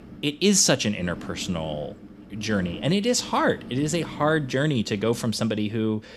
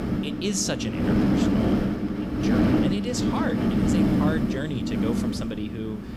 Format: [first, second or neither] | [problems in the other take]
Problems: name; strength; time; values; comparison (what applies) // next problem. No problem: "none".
first | wind noise on the microphone; heavy; 4 dB above the speech; occasional gusts in the first